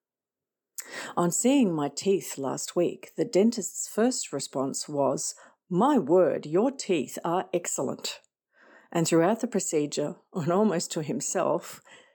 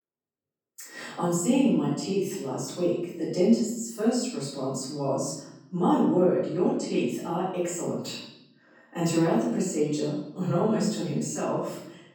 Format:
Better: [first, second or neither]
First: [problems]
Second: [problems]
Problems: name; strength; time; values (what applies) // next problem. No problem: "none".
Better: first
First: none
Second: off-mic speech; far // room echo; noticeable; dies away in 0.8 s